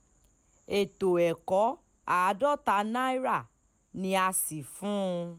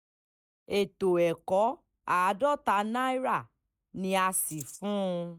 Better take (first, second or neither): first